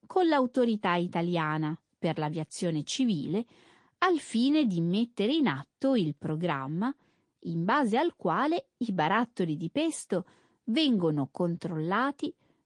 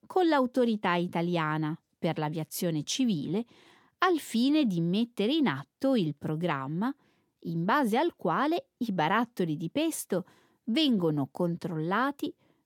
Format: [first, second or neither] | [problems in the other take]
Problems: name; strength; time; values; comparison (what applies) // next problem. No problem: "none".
second | garbled, watery; slightly; nothing above 10 kHz